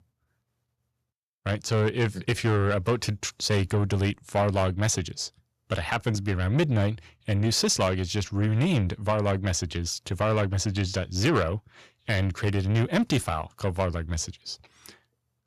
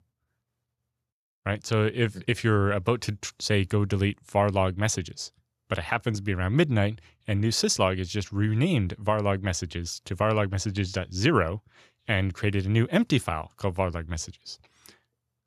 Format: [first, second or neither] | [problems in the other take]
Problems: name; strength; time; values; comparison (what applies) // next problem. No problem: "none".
second | distortion; slight; 10 dB below the speech